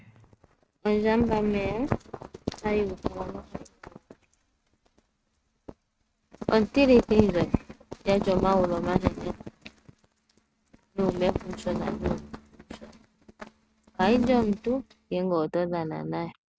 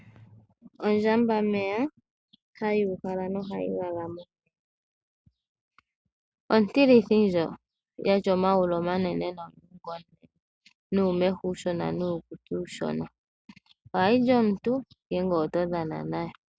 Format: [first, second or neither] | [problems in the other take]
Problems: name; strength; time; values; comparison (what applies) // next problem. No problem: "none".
second | noise reduction (neural mask model RNNoise)